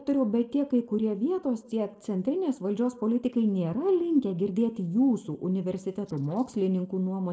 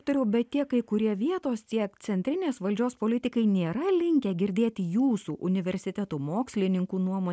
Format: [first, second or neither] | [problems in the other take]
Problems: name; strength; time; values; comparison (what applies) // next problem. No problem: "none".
second | noise reduction (neural separator model SepFormer DNS4)